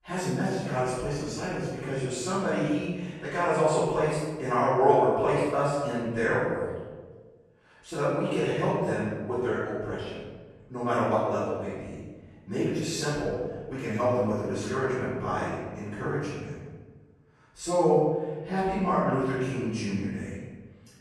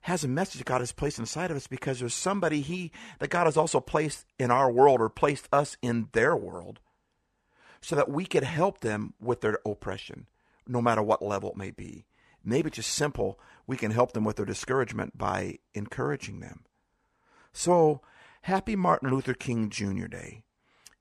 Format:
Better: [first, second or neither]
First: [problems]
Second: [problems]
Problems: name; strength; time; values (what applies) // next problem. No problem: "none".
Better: second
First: off-mic speech; far // room echo; strong; dies away in 1.3 s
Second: none